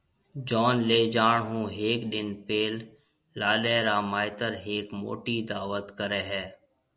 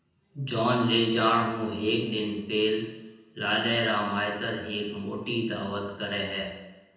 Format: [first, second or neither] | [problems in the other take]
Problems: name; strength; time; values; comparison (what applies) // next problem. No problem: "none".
first | room echo; dies away in 0.9 s